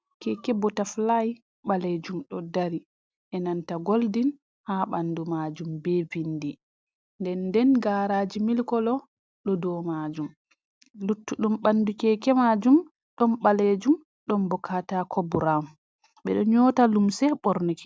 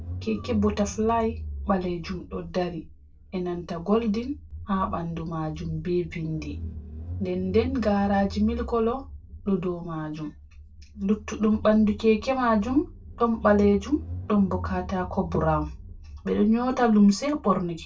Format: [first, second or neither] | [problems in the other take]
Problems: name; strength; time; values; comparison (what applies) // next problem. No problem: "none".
first | background sound (Engine / Car); 12 dB below the speech // room echo; dies away in 0.2 s